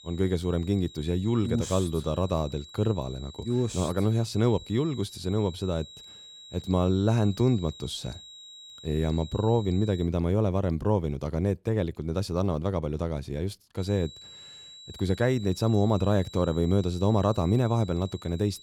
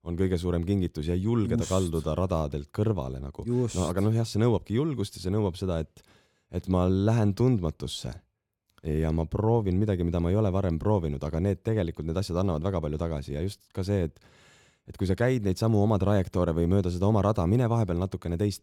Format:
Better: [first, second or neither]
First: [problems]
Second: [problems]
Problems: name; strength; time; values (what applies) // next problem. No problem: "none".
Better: second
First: high-pitched whine; noticeable; until 10 s and from 14 s on; 4 kHz, 20 dB below the speech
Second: none